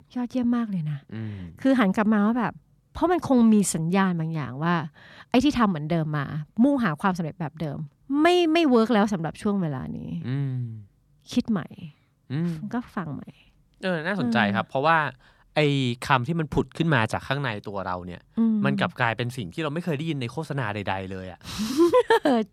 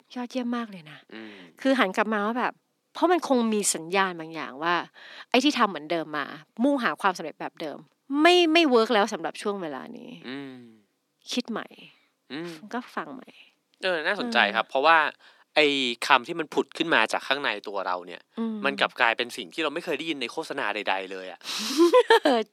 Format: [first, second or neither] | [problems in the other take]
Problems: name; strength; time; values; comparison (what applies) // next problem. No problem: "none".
first | thin; somewhat; fading below 300 Hz